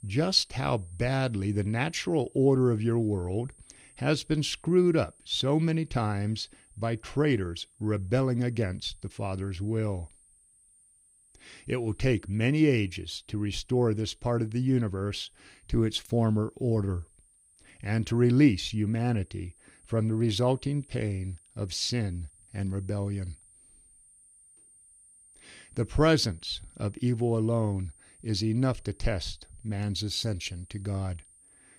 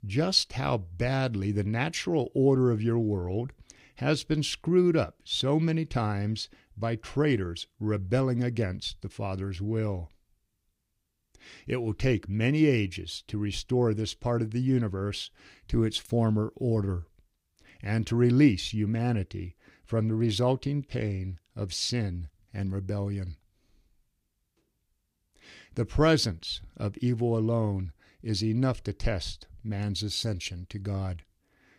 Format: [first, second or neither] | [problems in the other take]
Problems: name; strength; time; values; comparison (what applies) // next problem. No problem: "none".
second | high-pitched whine; faint; throughout; 8.5 kHz, 30 dB below the speech